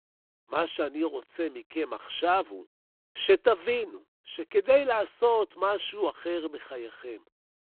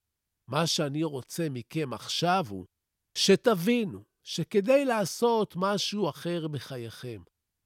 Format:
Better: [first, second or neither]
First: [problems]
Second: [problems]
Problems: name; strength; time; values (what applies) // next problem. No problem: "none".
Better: second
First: phone-call audio; poor line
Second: none